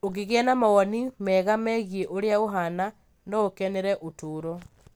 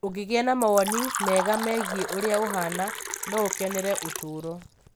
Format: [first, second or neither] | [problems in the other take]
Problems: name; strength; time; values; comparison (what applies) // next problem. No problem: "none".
first | background sound (Fill (with liquid)); 6 dB below the speech